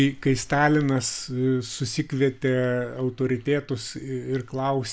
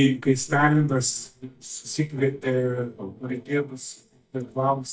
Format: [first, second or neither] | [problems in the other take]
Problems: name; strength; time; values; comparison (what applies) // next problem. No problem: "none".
first | noise reduction (neural mask model DeepFilterNet 3)